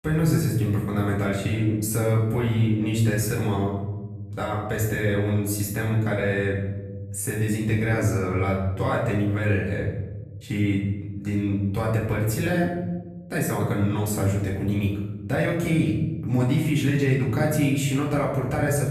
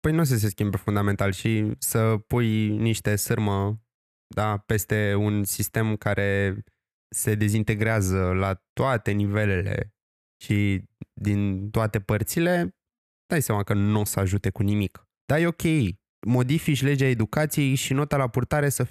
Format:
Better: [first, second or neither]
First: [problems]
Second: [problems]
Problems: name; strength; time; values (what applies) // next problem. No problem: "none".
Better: second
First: room echo; noticeable; dies away in 1.1 s // off-mic speech; far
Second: none